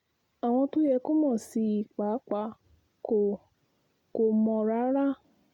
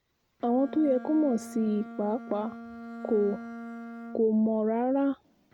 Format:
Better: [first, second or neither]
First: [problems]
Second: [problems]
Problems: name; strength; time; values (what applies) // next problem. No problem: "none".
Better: first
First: none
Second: background sound (Bowed string instrument); 14 dB below the speech